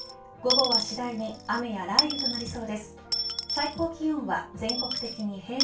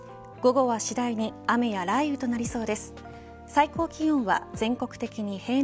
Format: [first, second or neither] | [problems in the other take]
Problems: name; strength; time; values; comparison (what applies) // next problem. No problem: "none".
second | background sound (Coin (dropping) / Dishes, pots, and pans); as loud as the speech // room echo; dies away in 0.2 s